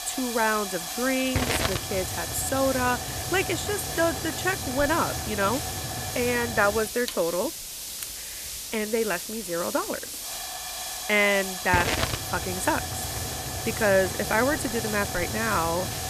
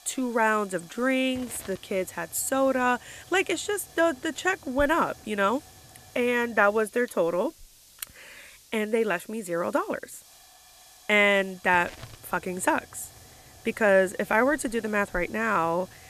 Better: second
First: hiss; loud; throughout; 4 dB below the speech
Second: hiss; faint; throughout; 25 dB below the speech

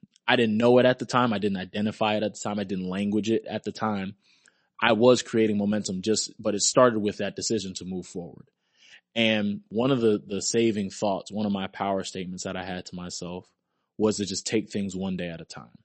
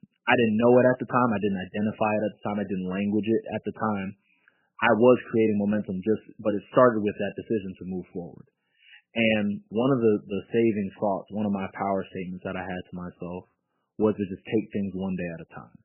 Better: first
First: garbled, watery; slightly; nothing above 8 kHz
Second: garbled, watery; badly; nothing above 3 kHz

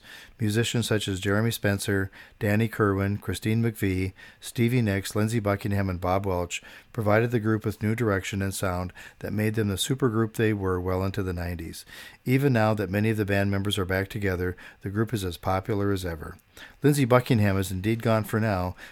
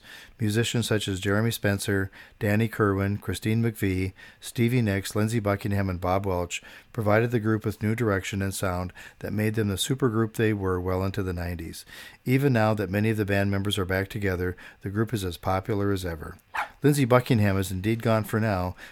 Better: first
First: none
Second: dog barking; noticeable; at 17 s; peak 7 dB below the speech

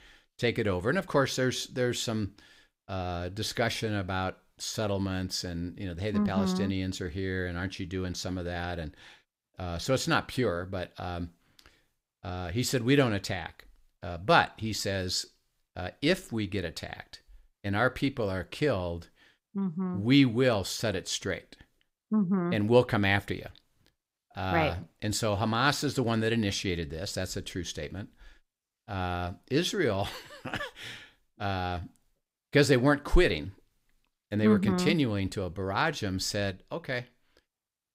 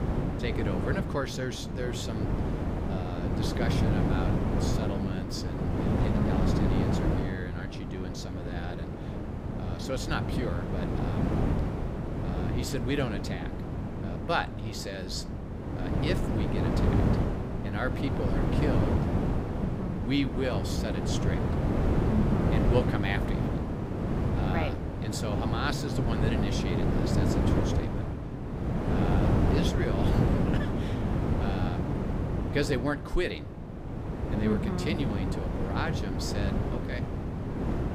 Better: first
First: none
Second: wind noise on the microphone; heavy; 1 dB above the speech

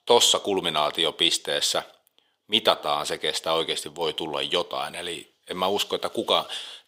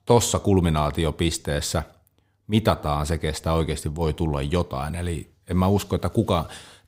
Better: second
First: thin; very; fading below 500 Hz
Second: none

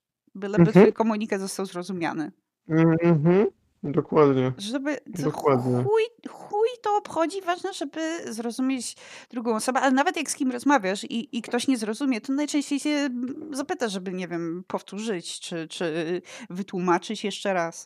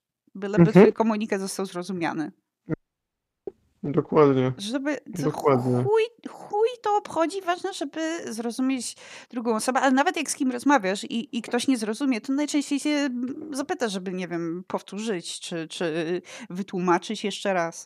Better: first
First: none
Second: audio cutting out; at 2.5 s for 0.5 s

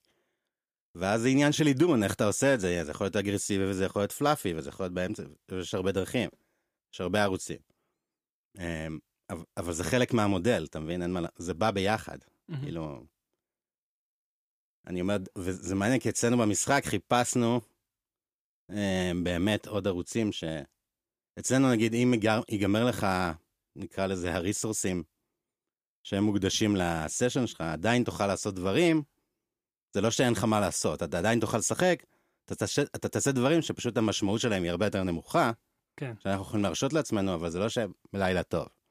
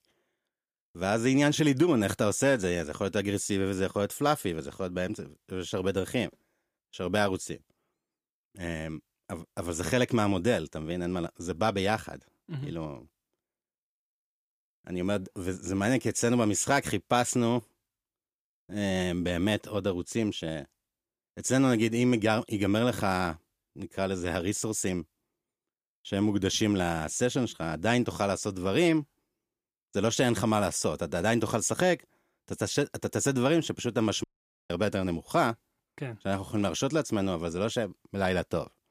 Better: first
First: none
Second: audio cutting out; at 34 s

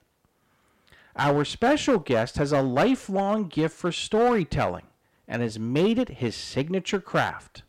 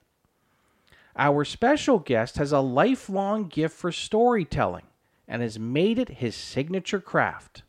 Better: second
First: distortion; slight; 5% of the sound clipped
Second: none

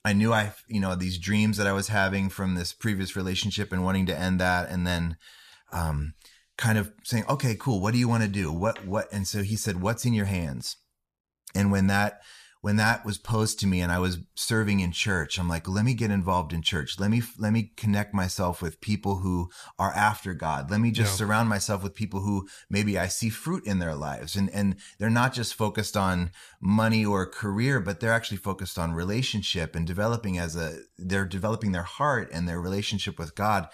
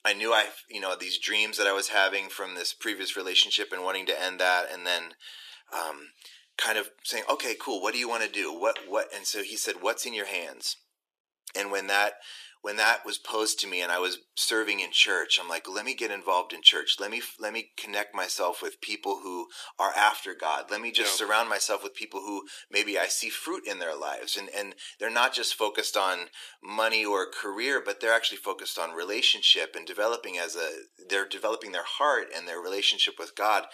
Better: first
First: none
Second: thin; very; fading below 300 Hz

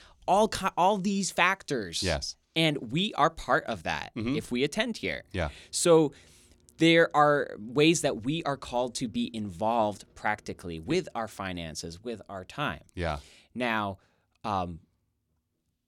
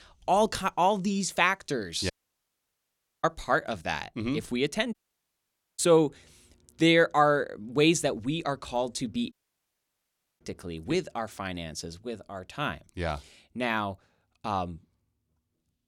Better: first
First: none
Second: audio cutting out; at 2 s for 1 s, at 5 s for 1 s and at 9.5 s for 1 s

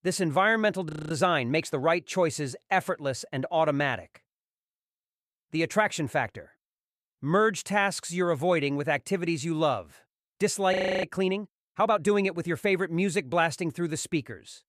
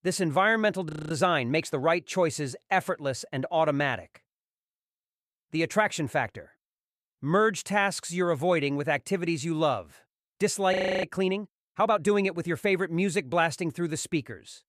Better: neither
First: audio freezing; at 1 s and at 11 s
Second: audio freezing; at 1 s and at 11 s

